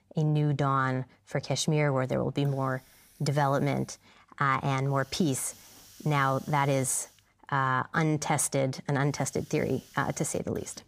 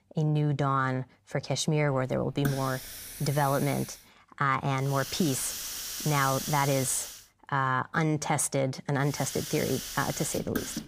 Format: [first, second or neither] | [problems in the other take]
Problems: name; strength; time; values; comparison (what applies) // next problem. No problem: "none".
first | hiss; loud; from 2 to 4 s, from 5 to 7 s and from 9 s on; 7 dB below the speech; faint in the first